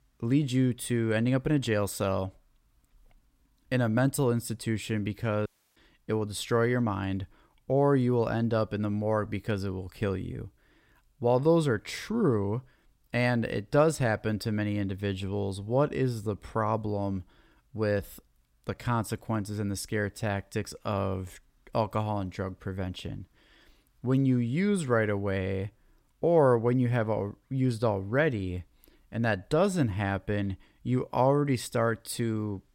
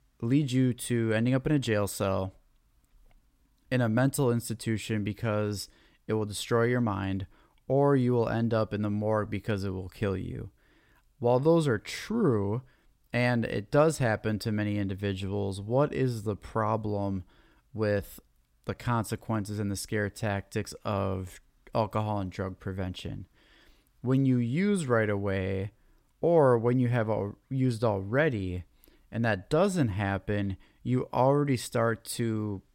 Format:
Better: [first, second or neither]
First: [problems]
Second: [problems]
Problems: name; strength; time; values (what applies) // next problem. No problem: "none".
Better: second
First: audio cutting out; at 5.5 s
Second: none